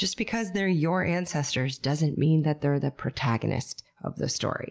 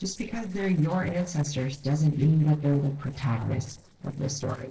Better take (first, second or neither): first